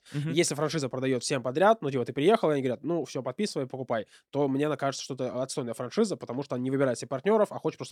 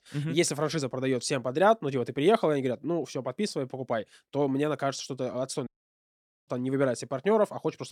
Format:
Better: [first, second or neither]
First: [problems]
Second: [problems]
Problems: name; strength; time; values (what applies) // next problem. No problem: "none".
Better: first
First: none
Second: audio cutting out; at 5.5 s for 1 s